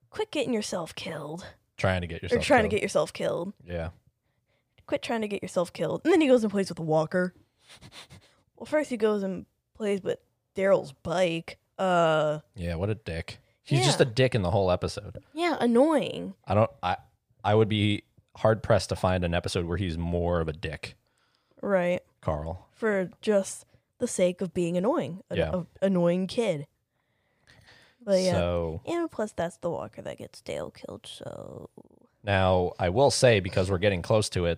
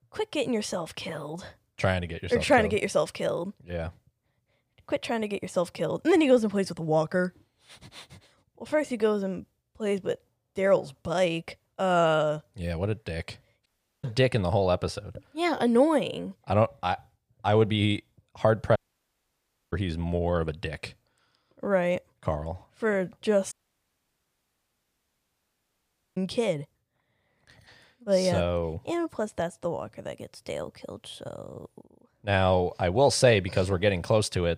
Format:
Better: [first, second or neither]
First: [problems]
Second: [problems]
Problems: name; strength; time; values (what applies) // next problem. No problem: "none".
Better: first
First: none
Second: audio cutting out; at 14 s, at 19 s for 1 s and at 24 s for 2.5 s